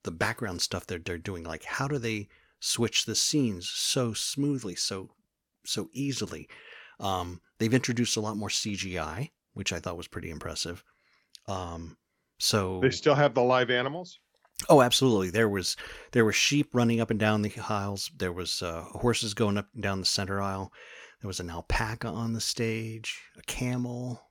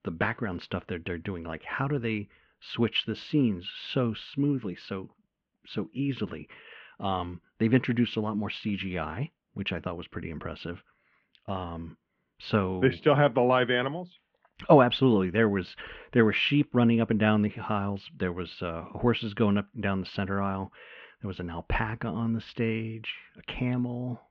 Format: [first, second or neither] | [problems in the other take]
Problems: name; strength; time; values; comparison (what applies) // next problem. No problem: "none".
first | muffled; very; fading above 3 kHz